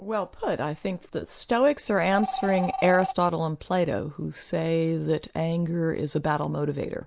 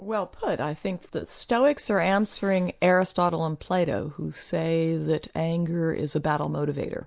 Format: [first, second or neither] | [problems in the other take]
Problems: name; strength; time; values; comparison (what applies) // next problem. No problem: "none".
second | background sound (Telephone); 10 dB below the speech